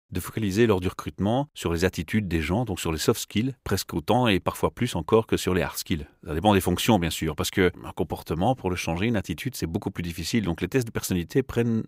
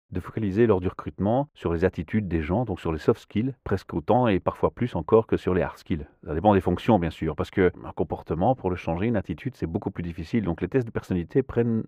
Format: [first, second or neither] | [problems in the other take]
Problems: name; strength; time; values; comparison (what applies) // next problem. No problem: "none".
first | muffled; very; fading above 3.5 kHz